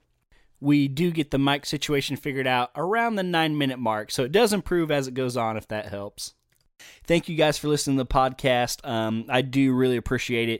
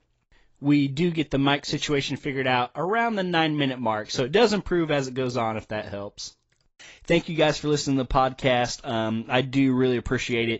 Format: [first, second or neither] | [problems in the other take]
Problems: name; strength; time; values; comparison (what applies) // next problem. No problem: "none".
first | garbled, watery; badly; nothing above 7.5 kHz